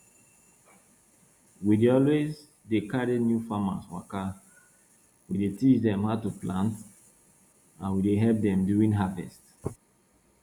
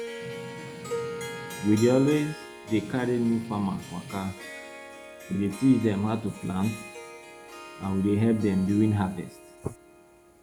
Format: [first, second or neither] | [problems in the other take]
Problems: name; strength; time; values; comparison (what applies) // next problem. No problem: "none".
first | background sound (Harp + Strum); 13 dB below the speech